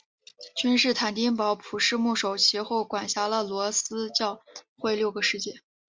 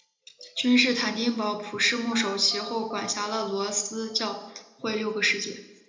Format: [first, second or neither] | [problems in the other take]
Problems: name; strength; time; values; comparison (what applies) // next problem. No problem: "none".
first | background sound (Telephone); 14 dB below the speech // room echo; dies away in 0.8 s